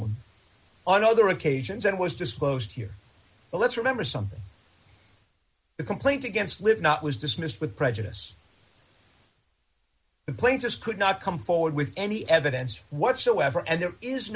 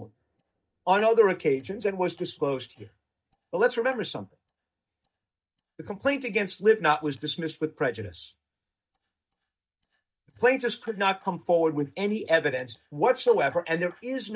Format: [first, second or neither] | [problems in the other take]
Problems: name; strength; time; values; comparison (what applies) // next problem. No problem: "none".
first | noise reduction (neural mask model DeepFilterNet 3)